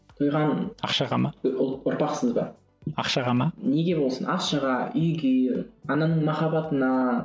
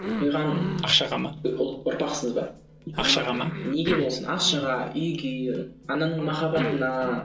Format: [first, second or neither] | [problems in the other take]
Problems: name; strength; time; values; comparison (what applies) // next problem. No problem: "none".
first | background sound (Cough); 9 dB below the speech // room echo; dies away in 0.2 s